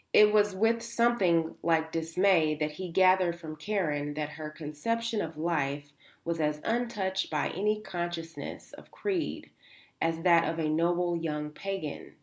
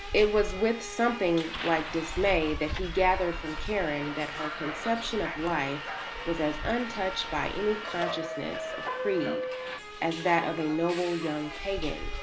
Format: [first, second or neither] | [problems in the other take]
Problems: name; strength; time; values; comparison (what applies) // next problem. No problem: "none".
first | background sound (Subway, metro, underground); 6 dB below the speech